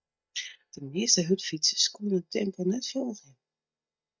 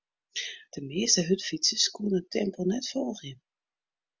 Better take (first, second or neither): second